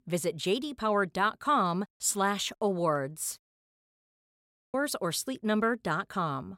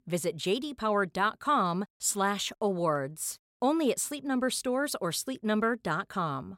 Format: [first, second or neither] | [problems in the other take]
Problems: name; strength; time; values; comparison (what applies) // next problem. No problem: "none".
second | audio cutting out; at 3.5 s for 1.5 s